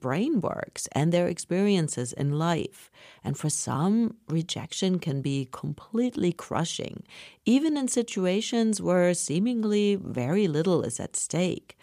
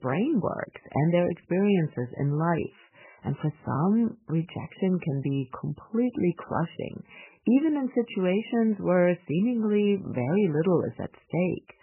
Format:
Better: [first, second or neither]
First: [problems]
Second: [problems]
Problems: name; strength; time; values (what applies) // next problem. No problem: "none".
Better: first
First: none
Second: garbled, watery; badly; nothing above 3 kHz